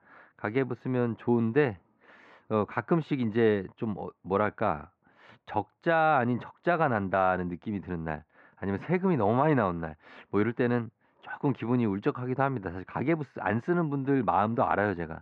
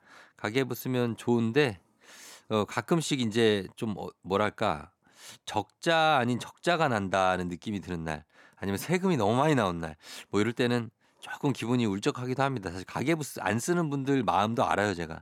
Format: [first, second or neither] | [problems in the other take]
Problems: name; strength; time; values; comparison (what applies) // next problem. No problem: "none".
second | muffled; very; fading above 2 kHz